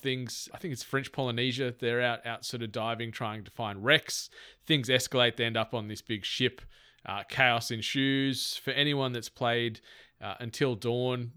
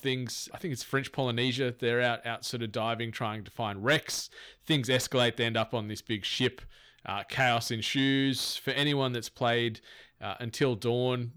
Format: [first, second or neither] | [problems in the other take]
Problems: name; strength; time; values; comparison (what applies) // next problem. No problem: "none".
first | distortion; slight; 10 dB below the speech